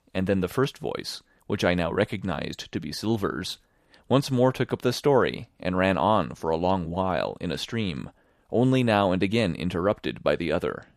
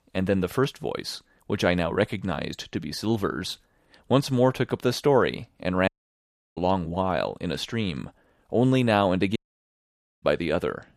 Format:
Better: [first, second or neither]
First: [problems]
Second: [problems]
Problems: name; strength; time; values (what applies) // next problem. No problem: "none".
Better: first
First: none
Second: audio cutting out; at 6 s for 0.5 s and at 9.5 s for 1 s